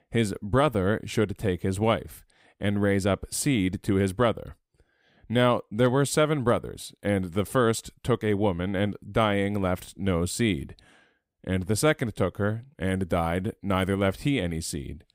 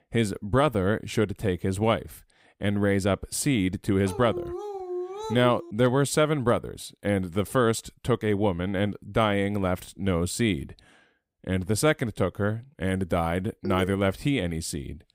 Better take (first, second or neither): first